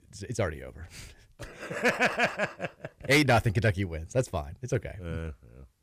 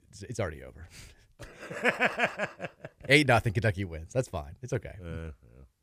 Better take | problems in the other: second | distortion; slight; 10 dB below the speech

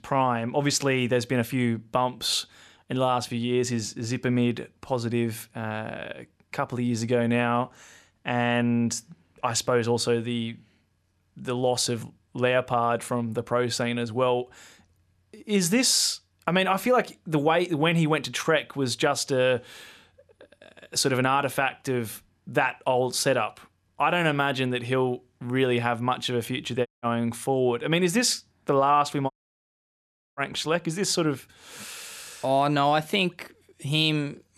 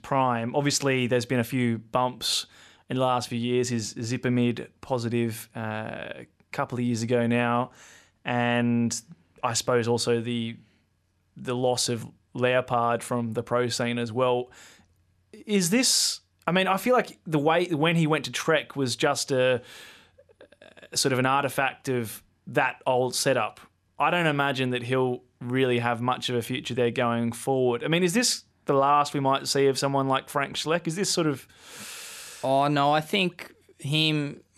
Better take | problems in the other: second | audio cutting out; at 27 s and at 29 s for 1 s

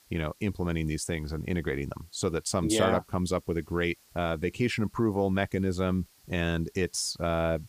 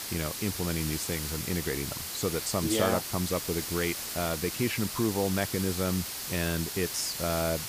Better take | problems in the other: first | hiss; loud; throughout; 3 dB below the speech; faint in the first

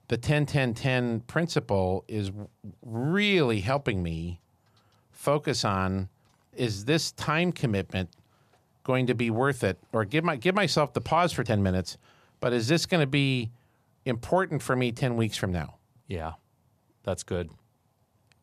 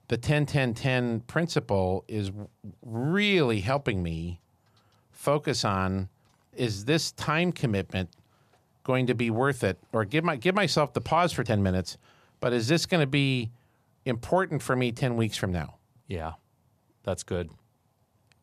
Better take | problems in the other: neither | none

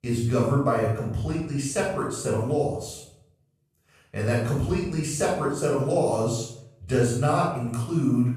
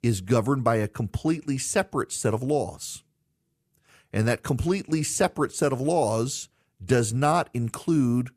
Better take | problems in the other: second | off-mic speech; far // room echo; noticeable; dies away in 0.6 s

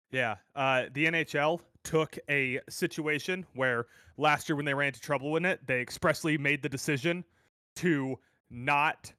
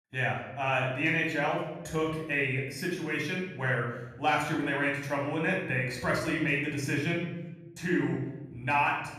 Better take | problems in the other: first | off-mic speech; far // room echo; noticeable; dies away in 1 s

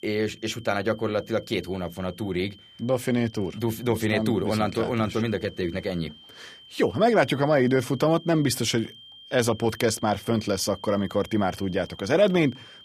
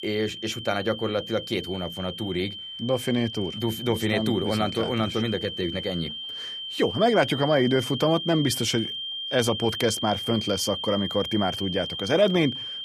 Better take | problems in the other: first | high-pitched whine; loud; throughout; 3 kHz, 6 dB below the speech; faint in the first

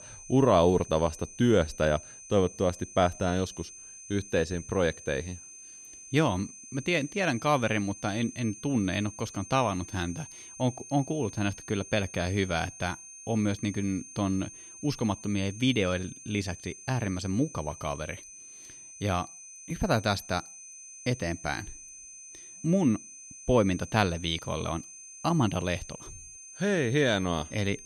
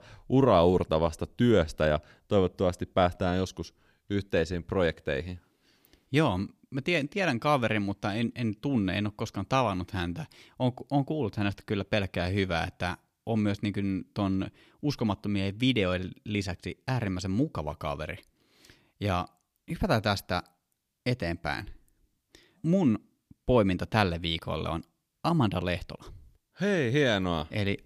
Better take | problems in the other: second | high-pitched whine; noticeable; throughout; 6 kHz, 15 dB below the speech

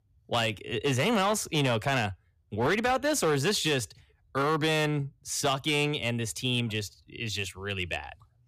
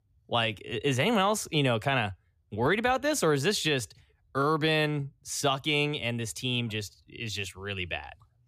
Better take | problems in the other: second | distortion; slight; 7% of the sound clipped

